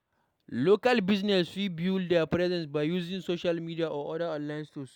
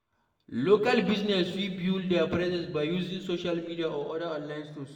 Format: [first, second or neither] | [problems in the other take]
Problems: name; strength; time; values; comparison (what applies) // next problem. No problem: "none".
first | room echo; dies away in 1.4 s